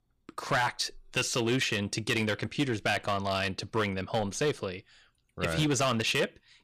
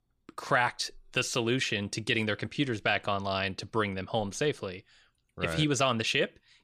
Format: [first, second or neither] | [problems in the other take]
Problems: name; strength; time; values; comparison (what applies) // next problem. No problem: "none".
second | distortion; slight; 5% of the sound clipped